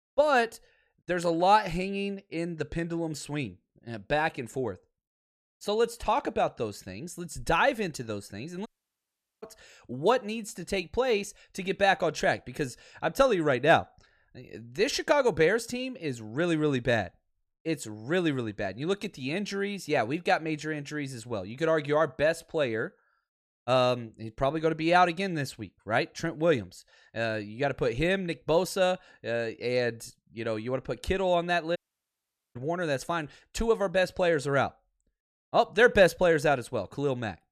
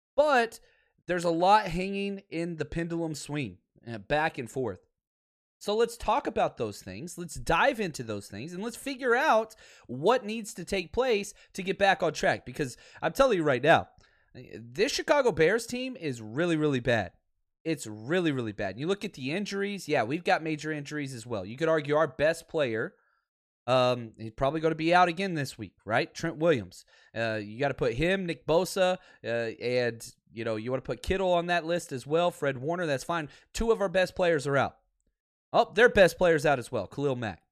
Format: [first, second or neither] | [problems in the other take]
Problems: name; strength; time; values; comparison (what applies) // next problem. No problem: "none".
second | audio cutting out; at 8.5 s for 1 s and at 32 s for 1 s